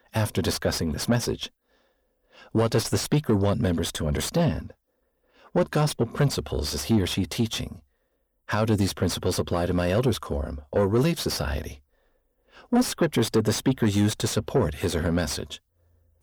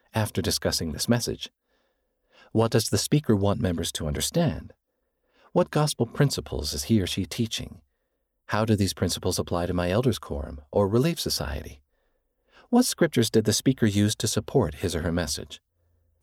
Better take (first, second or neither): second